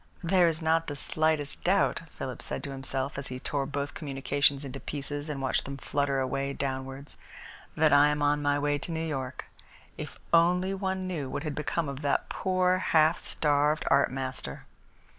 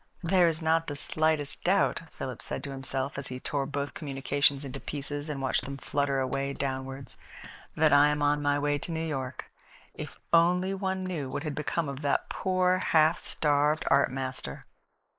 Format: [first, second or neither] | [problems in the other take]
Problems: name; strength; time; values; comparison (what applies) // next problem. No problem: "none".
first | noise reduction (neural mask model Resemble Enhance denoiser)